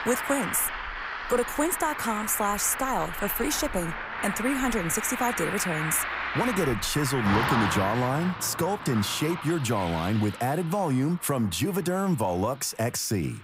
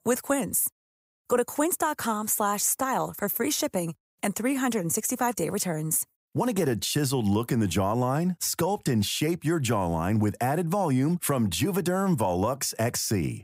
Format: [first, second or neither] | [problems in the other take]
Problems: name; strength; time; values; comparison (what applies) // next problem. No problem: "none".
second | traffic noise; loud; throughout; 5 dB below the speech